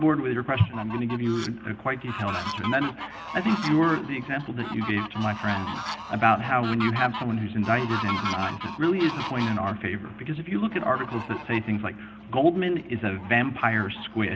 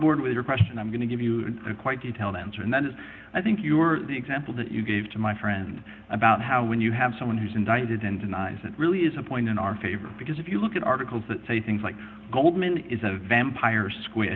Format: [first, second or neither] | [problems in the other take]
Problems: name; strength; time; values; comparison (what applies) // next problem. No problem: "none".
second | background sound (Fowl); 10 dB below the speech